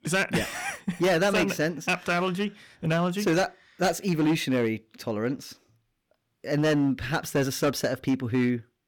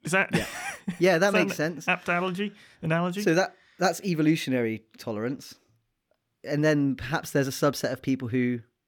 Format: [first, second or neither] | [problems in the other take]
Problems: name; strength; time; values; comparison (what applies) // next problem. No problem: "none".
second | distortion; slight; 7% of the sound clipped